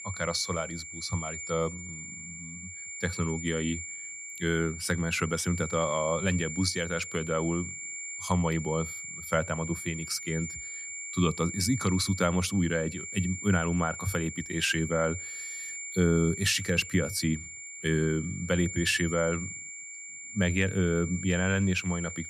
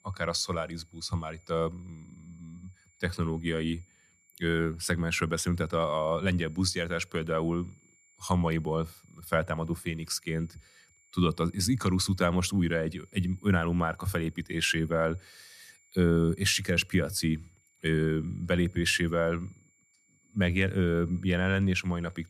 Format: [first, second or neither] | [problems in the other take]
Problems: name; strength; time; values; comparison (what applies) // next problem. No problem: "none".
second | high-pitched whine; loud; throughout; 2.5 kHz, 8 dB below the speech; faint in the second